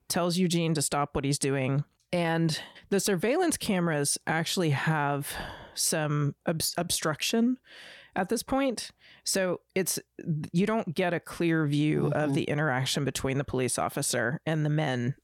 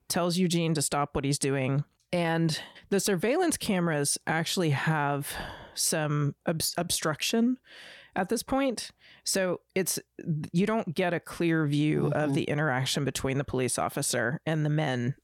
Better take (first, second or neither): neither